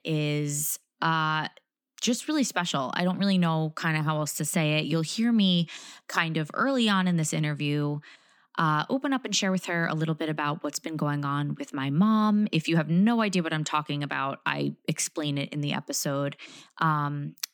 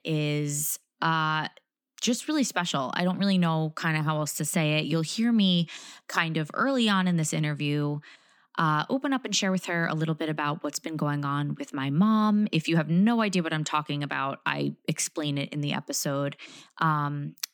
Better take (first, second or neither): neither